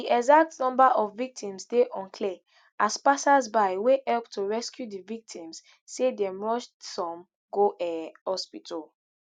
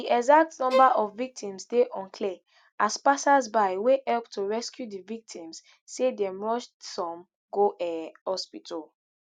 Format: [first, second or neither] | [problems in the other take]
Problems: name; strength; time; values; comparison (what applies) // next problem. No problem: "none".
first | background sound (Bowed string instrument); 5 dB below the speech